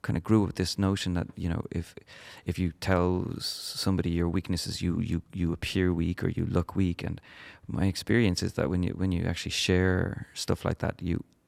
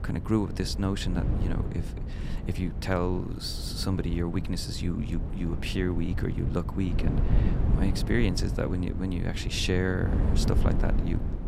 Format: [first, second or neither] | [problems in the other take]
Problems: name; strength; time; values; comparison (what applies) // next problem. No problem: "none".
first | wind noise on the microphone; heavy; 8 dB below the speech